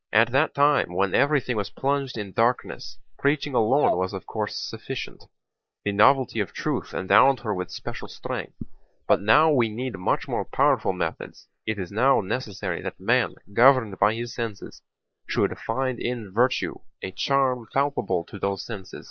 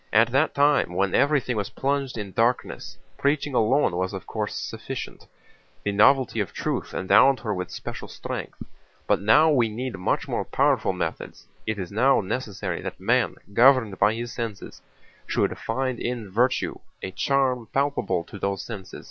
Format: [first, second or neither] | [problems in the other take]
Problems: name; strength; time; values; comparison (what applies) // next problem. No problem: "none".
second | noise reduction (neural mask model Resemble Enhance denoiser)